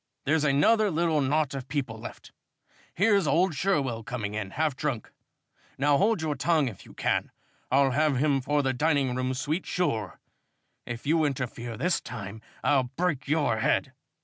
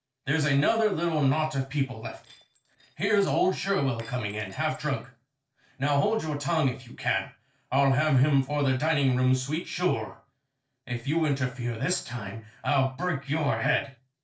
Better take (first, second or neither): first